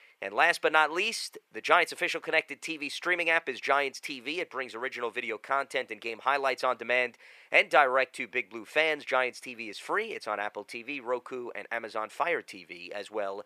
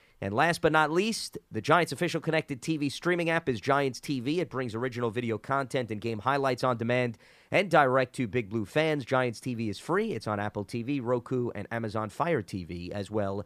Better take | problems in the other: second | thin; very; fading below 550 Hz

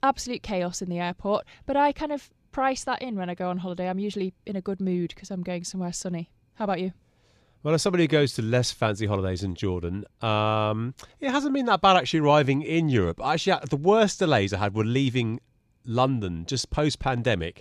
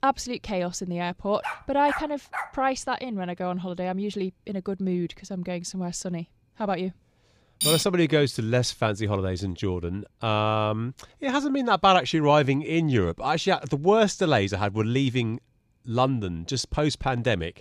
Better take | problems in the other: first | dog barking; noticeable; from 1.5 to 2.5 s; peak 7 dB below the speech // clattering dishes; loud; at 7.5 s; peak 2 dB above the speech

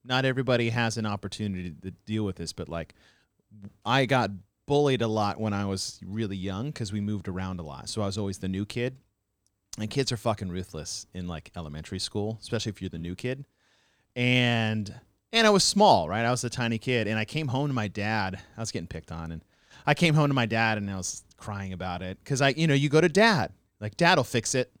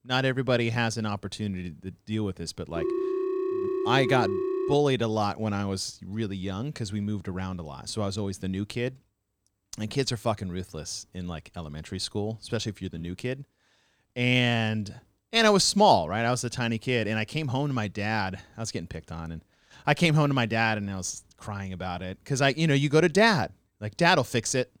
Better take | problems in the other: first | phone ringing; noticeable; from 3 to 4.5 s; peak 1 dB below the speech

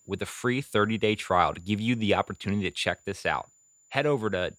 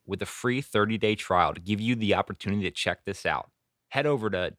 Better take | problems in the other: second | high-pitched whine; faint; throughout; 7 kHz, 30 dB below the speech

